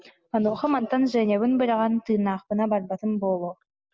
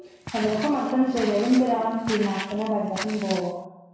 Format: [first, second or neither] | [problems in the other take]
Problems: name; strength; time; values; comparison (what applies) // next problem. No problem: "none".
first | background sound (Walk, footsteps); 13 dB below the speech // room echo; dies away in 1.1 s